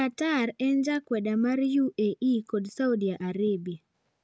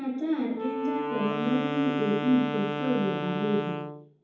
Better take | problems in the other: first | background sound (Wind instrument, woodwind instrument); 4 dB below the speech // room echo; dies away in 1.8 s

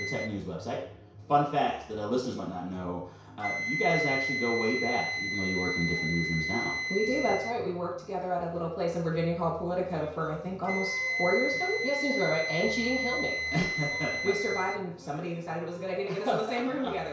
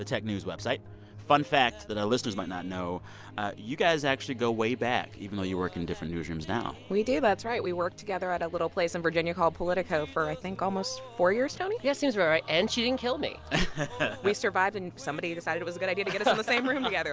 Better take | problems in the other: second | background sound (Wind instrument, woodwind instrument); 4 dB below the speech // room echo; dies away in 0.6 s

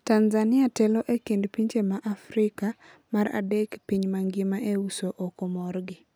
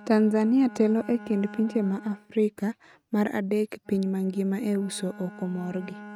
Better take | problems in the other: first | noise reduction (neural mask model RNNoise)

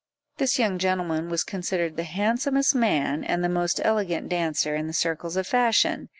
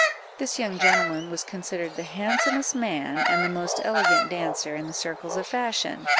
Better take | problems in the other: first | background sound (Bird vocalization, bird call, bird song); 2 dB above the speech

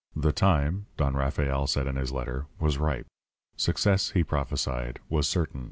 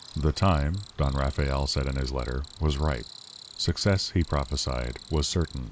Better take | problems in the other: first | background sound (Cricket); 20 dB below the speech

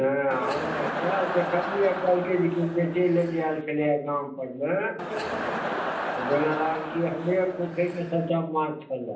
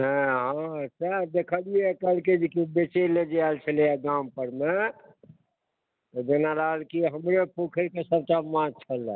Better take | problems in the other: second | background sound (Crowd); 5 dB below the speech // room echo; dies away in 0.6 s

